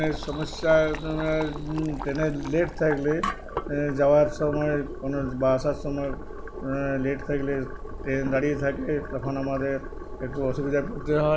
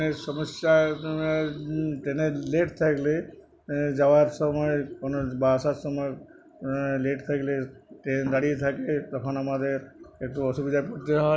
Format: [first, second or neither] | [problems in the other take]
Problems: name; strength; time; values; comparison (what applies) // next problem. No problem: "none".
second | background sound (Boiling); 9 dB below the speech